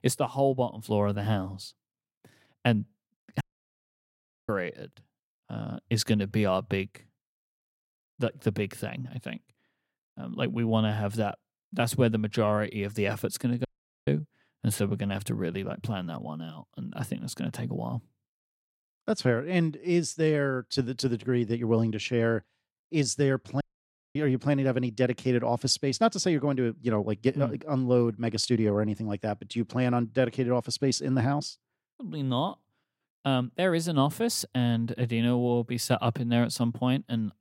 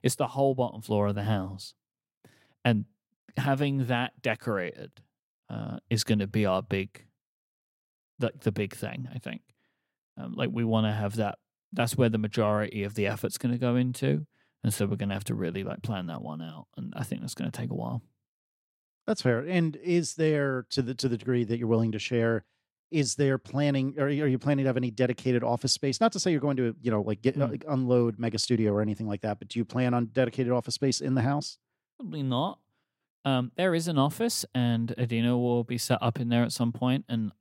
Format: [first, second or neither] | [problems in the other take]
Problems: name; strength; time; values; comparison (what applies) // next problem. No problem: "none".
second | audio cutting out; at 3.5 s for 1 s, at 14 s and at 24 s for 0.5 s